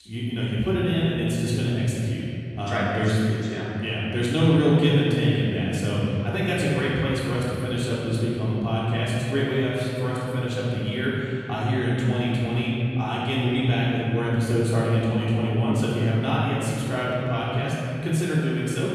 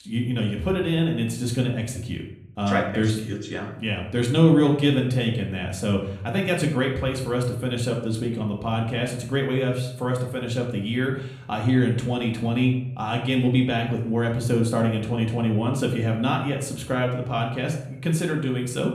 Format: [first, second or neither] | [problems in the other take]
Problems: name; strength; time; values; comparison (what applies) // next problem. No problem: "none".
second | room echo; strong; dies away in 2.8 s; slight in the second // off-mic speech; far; somewhat distant in the second